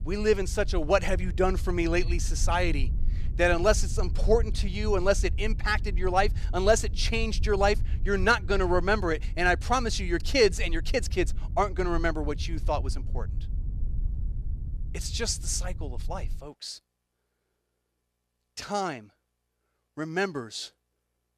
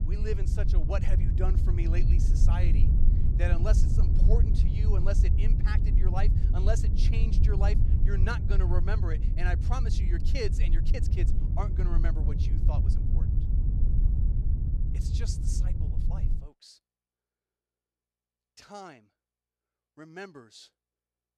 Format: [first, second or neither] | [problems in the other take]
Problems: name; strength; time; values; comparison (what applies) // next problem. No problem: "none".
first | low rumble; loud; until 16 s; 4 dB below the speech; faint in the first